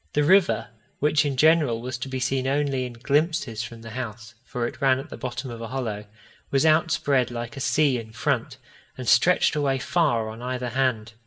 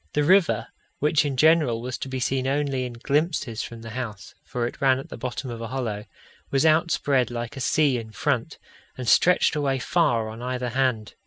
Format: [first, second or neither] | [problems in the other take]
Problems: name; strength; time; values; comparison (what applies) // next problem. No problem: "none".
second | room echo; dies away in 0.2 s